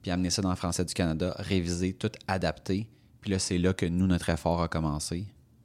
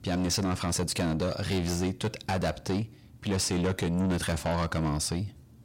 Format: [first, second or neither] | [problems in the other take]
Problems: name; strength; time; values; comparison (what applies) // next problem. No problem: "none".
first | distortion; heavy; 7 dB below the speech